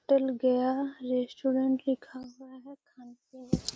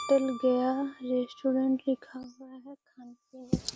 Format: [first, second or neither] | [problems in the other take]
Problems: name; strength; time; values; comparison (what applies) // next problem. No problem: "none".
first | background sound (Keyboard (musical)); 19 dB below the speech